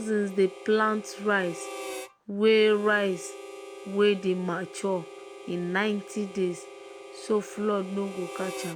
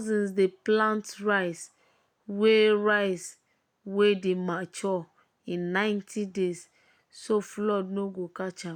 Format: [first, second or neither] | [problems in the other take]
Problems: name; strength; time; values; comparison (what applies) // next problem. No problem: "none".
second | background sound (Harmonica); 14 dB below the speech